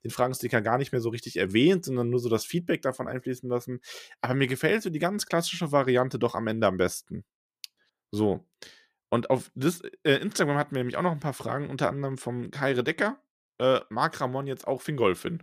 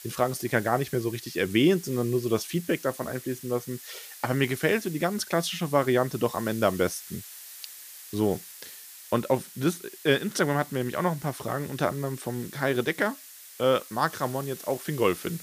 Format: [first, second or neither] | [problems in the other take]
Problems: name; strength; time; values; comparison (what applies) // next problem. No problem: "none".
first | hiss; noticeable; throughout; 15 dB below the speech